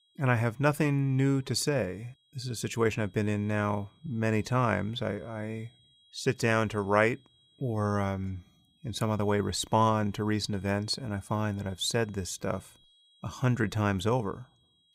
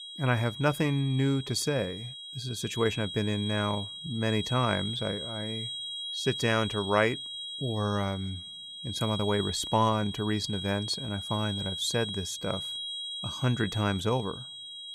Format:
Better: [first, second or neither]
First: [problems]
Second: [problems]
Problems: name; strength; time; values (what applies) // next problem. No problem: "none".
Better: first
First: high-pitched whine; faint; throughout; 3.5 kHz, 35 dB below the speech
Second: high-pitched whine; loud; throughout; 3.5 kHz, 6 dB below the speech